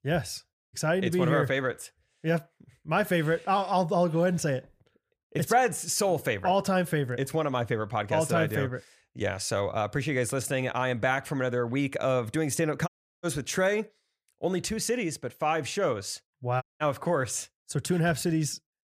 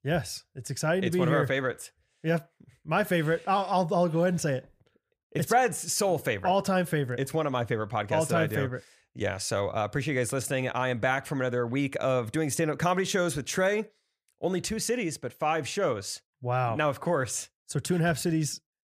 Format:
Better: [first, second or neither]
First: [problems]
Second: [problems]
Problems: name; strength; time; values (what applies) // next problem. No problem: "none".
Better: second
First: audio cutting out; at 0.5 s, at 13 s and at 17 s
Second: none